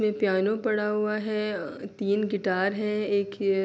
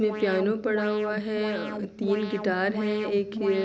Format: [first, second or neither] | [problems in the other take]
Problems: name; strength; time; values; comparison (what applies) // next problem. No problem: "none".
first | background sound (Alarm); 8 dB below the speech